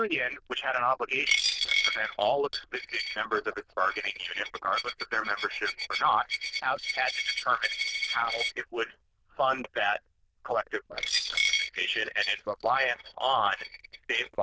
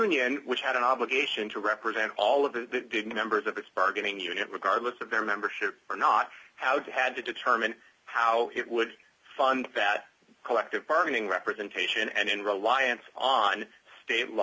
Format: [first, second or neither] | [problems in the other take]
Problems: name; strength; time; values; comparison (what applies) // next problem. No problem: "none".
second | noise reduction (neural diffusion model UNIVERSE++)